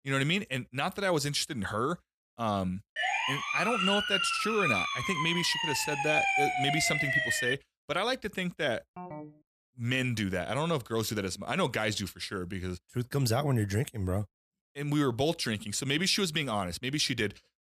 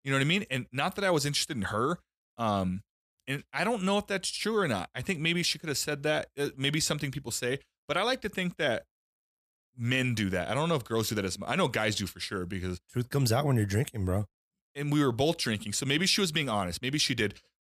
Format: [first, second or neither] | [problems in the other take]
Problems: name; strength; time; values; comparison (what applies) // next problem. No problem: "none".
second | siren; loud; from 3 to 7.5 s; peak 5 dB above the speech // phone ringing; faint; at 9 s; peak 10 dB below the speech